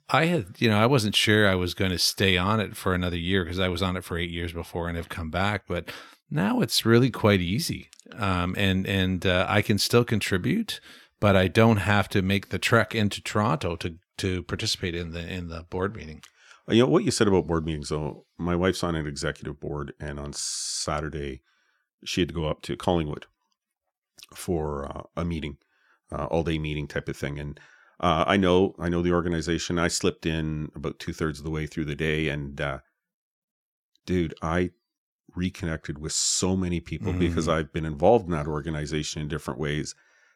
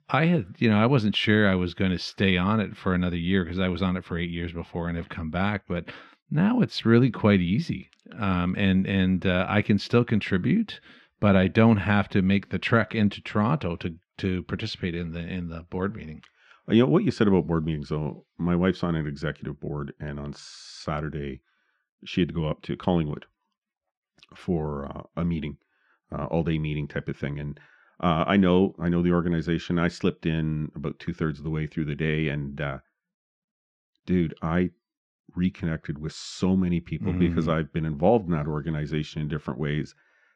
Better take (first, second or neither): first